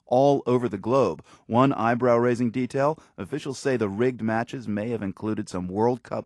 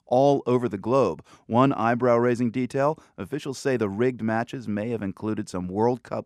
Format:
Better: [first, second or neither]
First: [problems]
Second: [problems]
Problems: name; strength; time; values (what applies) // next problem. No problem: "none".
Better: second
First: garbled, watery; slightly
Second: none